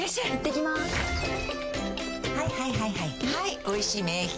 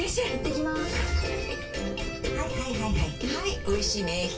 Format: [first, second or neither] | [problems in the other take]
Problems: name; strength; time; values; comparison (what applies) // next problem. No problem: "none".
first | background sound (Thunder); 6 dB below the speech // room echo; dies away in 0.2 s